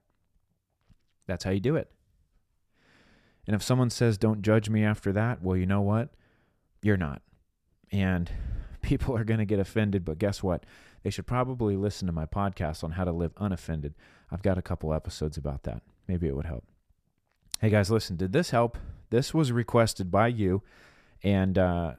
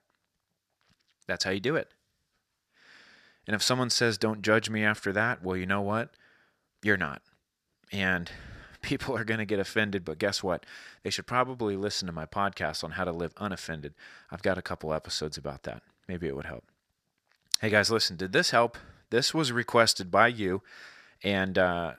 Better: first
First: none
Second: thin; somewhat; fading below 800 Hz

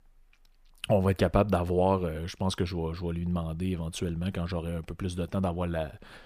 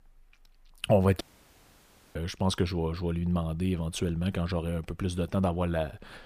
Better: first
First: none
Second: audio cutting out; at 1 s for 1 s

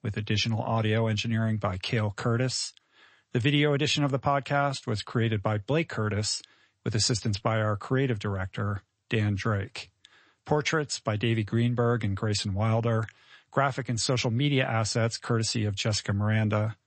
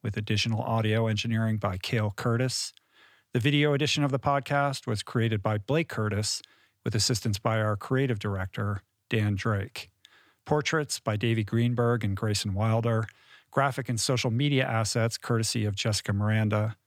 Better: second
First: garbled, watery; slightly; nothing above 8 kHz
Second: none

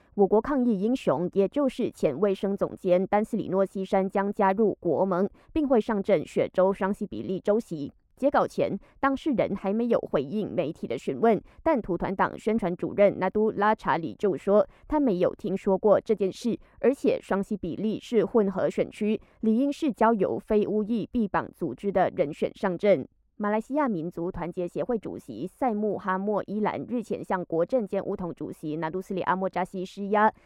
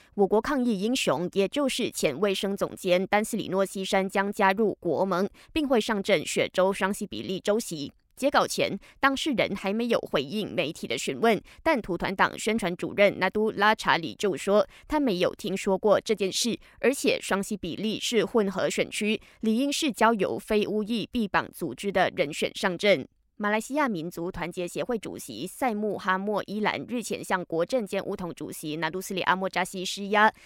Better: second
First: muffled; very; fading above 2 kHz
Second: none

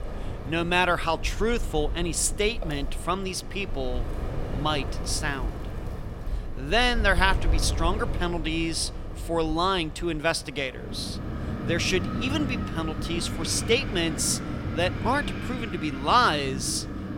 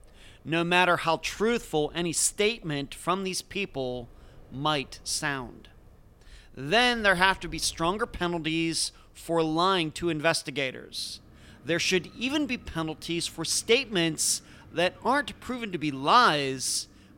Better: second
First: wind in the background; loud; throughout; 7 dB below the speech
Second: wind in the background; faint; throughout; 30 dB below the speech

